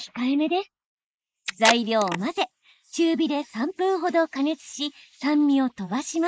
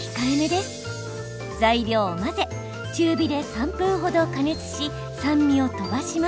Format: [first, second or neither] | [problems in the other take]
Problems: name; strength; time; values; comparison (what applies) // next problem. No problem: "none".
second | noise reduction (neural mask model Resemble Enhance denoiser)